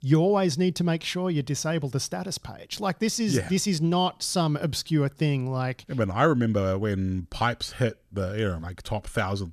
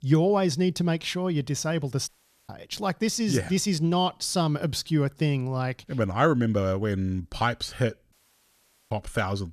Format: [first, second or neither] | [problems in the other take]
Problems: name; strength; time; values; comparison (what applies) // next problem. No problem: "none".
first | audio cutting out; at 2 s and at 8 s for 1 s